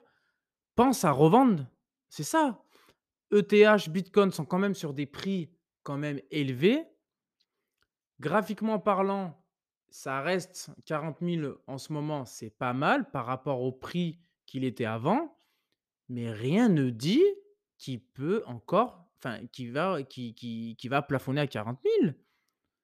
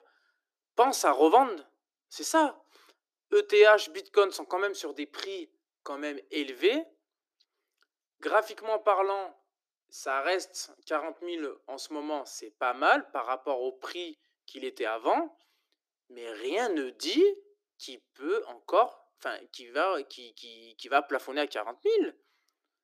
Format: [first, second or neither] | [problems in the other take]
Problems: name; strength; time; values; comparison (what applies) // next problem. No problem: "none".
first | thin; very; fading below 300 Hz